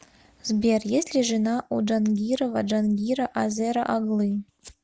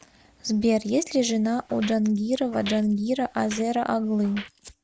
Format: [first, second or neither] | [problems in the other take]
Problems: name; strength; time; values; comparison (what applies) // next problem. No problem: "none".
first | background sound (Walk, footsteps); 18 dB below the speech